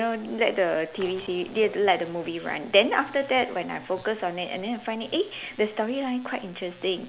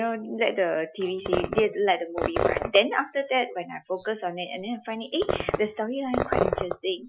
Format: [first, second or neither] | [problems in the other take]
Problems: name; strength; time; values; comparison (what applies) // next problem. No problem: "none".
first | noise reduction (classical method Wiener filter)